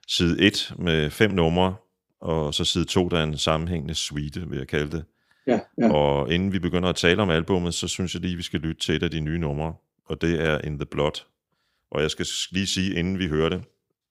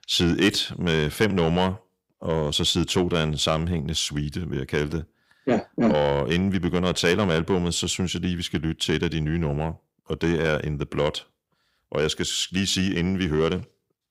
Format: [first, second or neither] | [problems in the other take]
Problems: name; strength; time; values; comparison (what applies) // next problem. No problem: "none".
first | distortion; slight; 10 dB below the speech